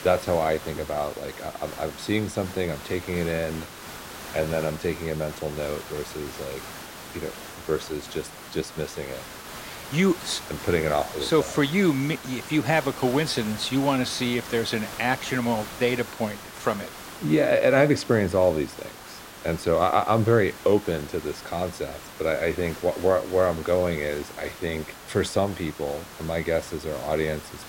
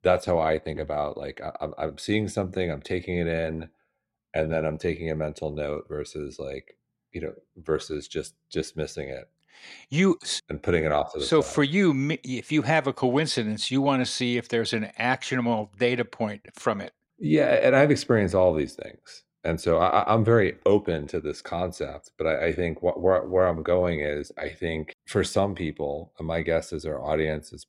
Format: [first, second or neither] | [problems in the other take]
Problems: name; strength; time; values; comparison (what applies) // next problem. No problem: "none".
second | hiss; noticeable; throughout; 15 dB below the speech